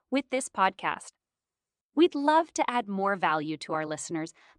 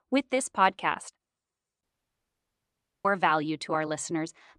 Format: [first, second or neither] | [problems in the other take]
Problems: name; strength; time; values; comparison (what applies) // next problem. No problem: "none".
first | audio cutting out; at 2 s for 1 s